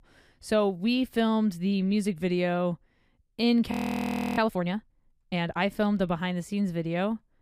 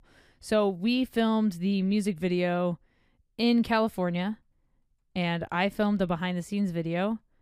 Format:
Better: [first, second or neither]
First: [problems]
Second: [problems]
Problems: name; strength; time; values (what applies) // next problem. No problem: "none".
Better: second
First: audio freezing; at 3.5 s for 0.5 s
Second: none